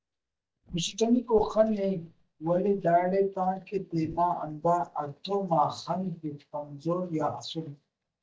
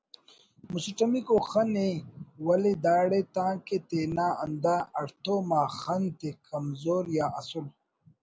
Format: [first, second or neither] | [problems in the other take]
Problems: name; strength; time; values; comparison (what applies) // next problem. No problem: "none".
second | noise reduction (neural mask model DeepFilterNet 3)